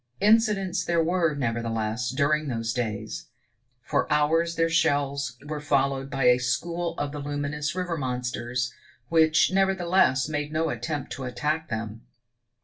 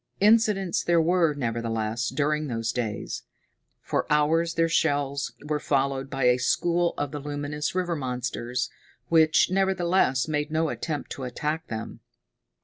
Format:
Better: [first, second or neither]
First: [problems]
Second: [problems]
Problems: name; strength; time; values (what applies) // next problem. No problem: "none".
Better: second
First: room echo; dies away in 0.2 s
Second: none